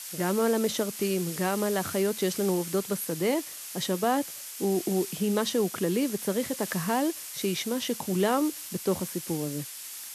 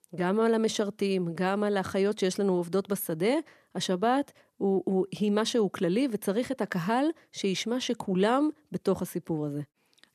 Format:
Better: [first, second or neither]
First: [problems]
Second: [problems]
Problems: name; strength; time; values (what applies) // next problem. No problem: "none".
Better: second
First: hiss; loud; throughout; 8 dB below the speech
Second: none